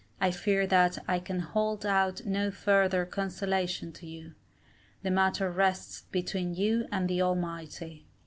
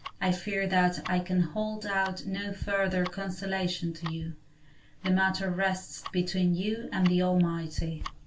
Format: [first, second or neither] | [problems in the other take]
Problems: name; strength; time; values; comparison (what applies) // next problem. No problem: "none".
first | background sound (Tick-tock); 15 dB below the speech // room echo; dies away in 0.2 s